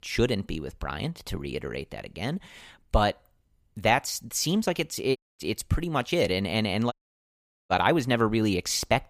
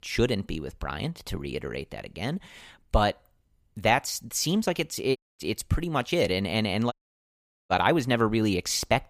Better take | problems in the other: neither | audio cutting out; at 5 s and at 7 s for 1 s; the same in both

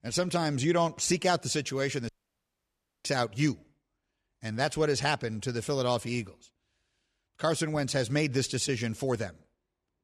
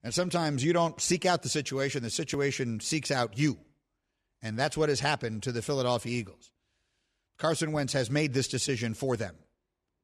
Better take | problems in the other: second | audio cutting out; at 2 s for 1 s

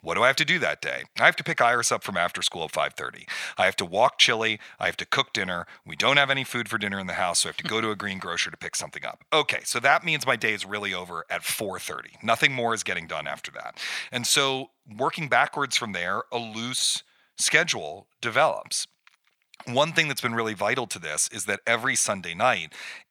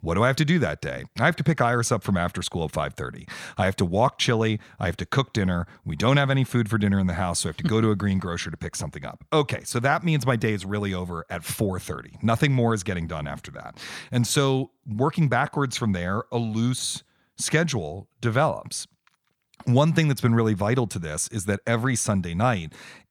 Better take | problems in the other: second | thin; very; fading below 950 Hz

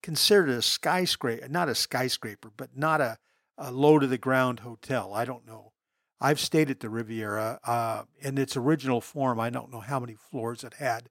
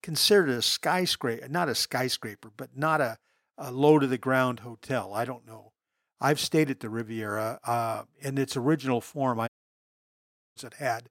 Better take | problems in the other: first | audio cutting out; at 9.5 s for 1 s

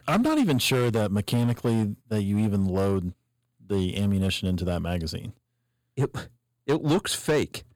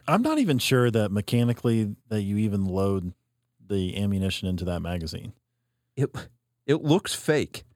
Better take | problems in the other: second | distortion; slight; 7% of the sound clipped

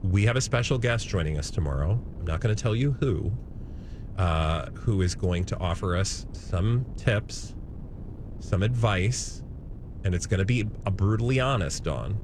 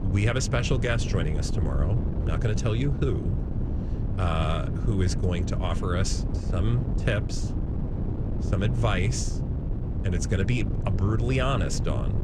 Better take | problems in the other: first | wind noise on the microphone; heavy; 8 dB below the speech; occasional gusts in the first

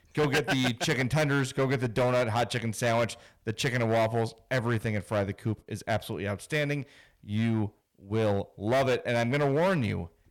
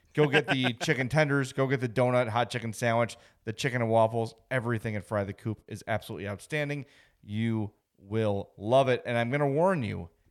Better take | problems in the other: second | distortion; heavy; 11% of the sound clipped

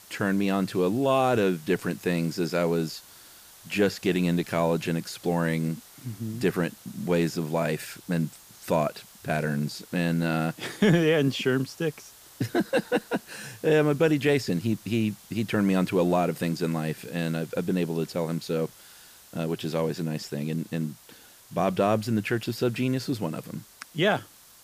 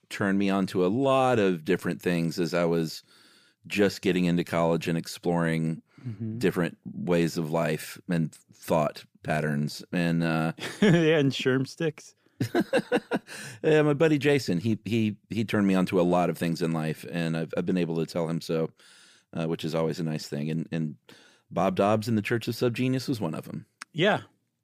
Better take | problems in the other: second | hiss; faint; throughout; 20 dB below the speech

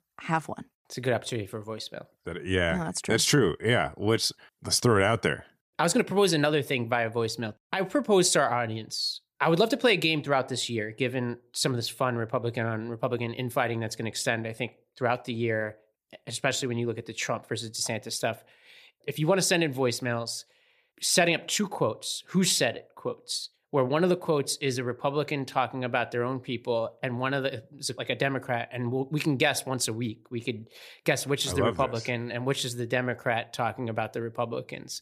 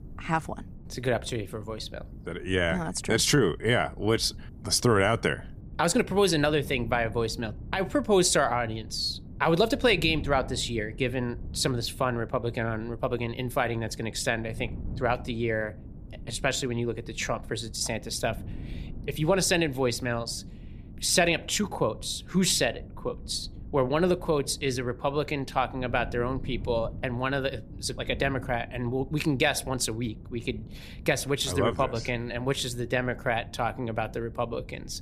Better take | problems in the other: first | wind noise on the microphone; occasional gusts; 25 dB below the speech

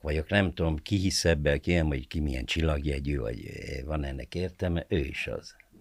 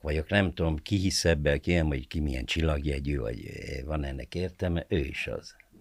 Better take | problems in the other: neither | none

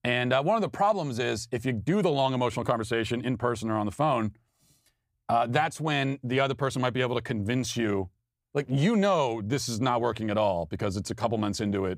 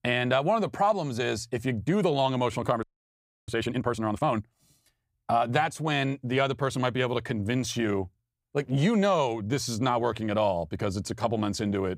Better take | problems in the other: first | audio freezing; at 3 s for 0.5 s

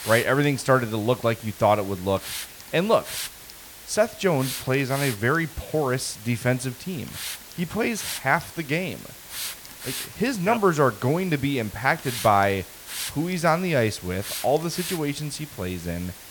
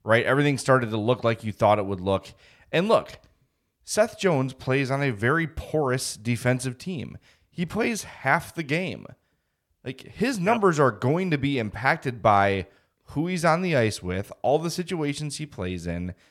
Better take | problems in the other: second | hiss; noticeable; throughout; 10 dB below the speech

